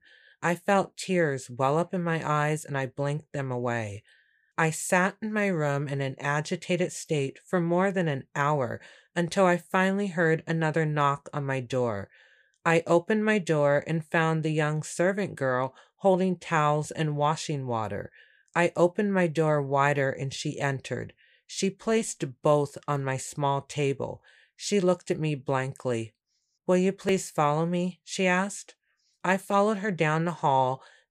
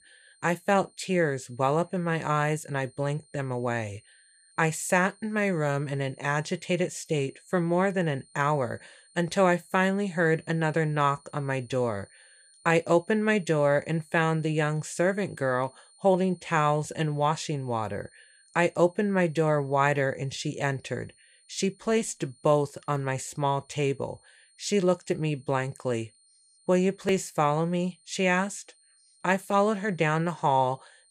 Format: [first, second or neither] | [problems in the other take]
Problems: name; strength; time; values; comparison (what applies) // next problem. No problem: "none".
first | high-pitched whine; faint; throughout; 9 kHz, 30 dB below the speech